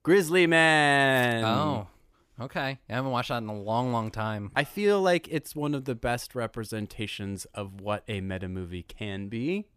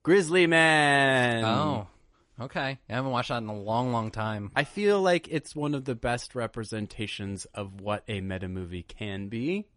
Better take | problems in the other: first | garbled, watery; slightly; nothing above 10.5 kHz

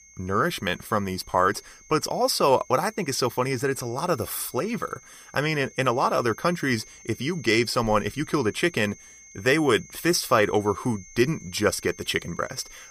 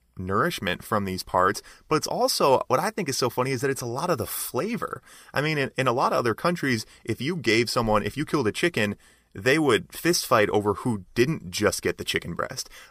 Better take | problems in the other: second | high-pitched whine; faint; throughout; 6.5 kHz, 20 dB below the speech

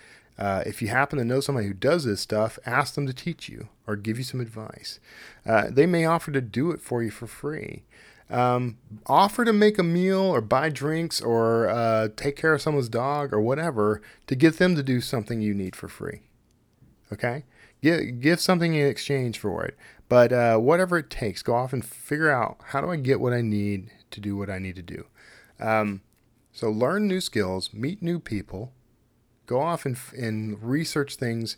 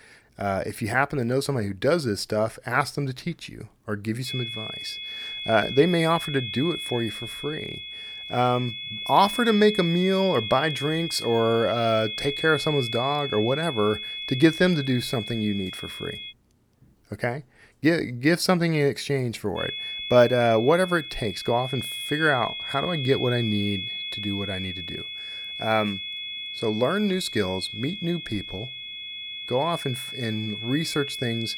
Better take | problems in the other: first | high-pitched whine; loud; from 4.5 to 16 s and from 20 s on; 3.5 kHz, 7 dB below the speech

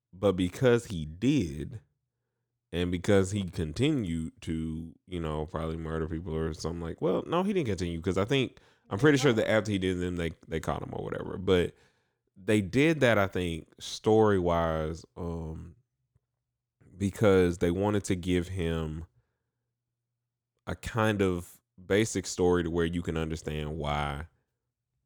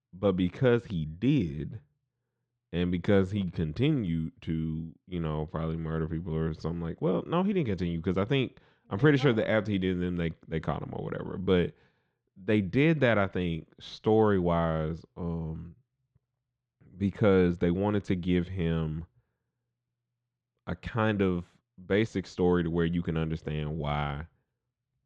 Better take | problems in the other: first | muffled; slightly; fading above 3.5 kHz

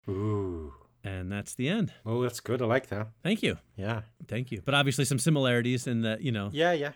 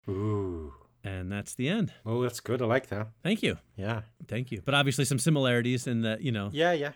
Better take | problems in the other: neither | none

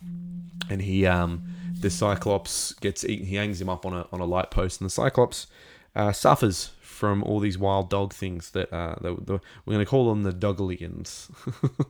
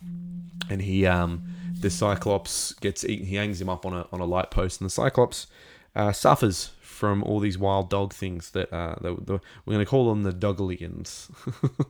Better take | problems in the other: neither | phone ringing; noticeable; until 2.5 s; peak 8 dB below the speech; the same in both

